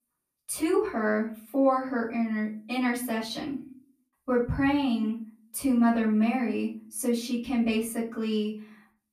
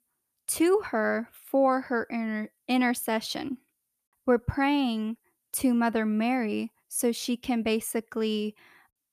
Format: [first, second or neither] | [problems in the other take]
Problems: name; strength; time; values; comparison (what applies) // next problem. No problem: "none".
second | off-mic speech; far // room echo; slight; dies away in 0.4 s